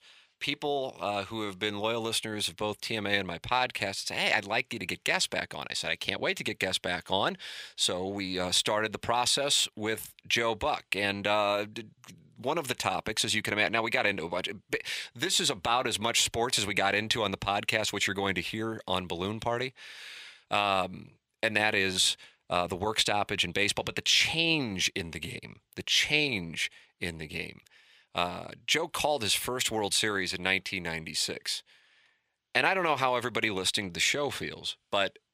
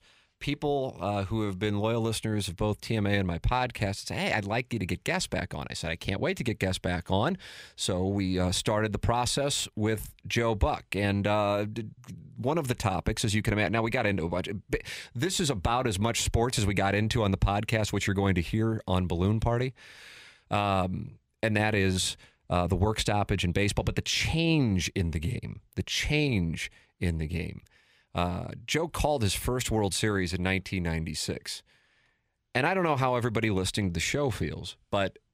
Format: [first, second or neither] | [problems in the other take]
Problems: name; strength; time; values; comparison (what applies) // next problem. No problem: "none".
second | thin; somewhat; fading below 600 Hz